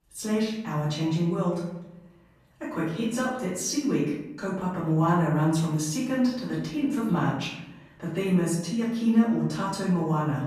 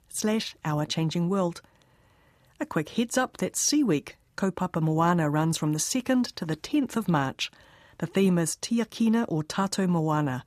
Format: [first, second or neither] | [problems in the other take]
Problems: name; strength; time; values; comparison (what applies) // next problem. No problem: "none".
second | off-mic speech; far // room echo; noticeable; dies away in 0.8 s